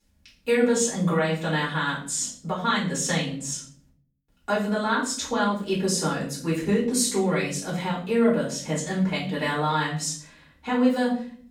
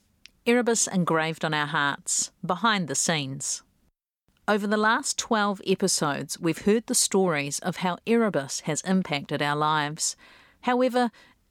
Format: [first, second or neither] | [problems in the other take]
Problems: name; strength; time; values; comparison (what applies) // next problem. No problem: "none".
second | room echo; noticeable; dies away in 0.5 s // off-mic speech; far